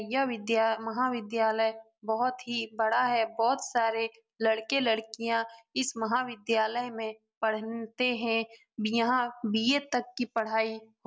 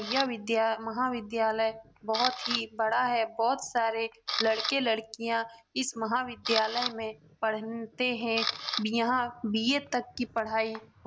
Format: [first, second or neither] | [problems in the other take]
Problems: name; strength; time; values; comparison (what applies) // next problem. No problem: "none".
first | background sound (Camera); 9 dB below the speech